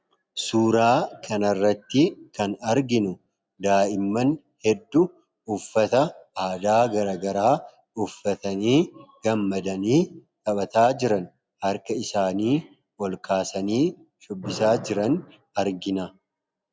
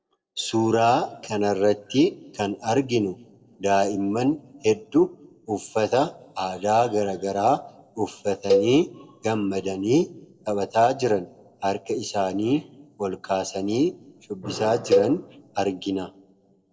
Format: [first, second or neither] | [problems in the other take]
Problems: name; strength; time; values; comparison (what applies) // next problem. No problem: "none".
first | noise reduction (neural separator model SepFormer DNS4)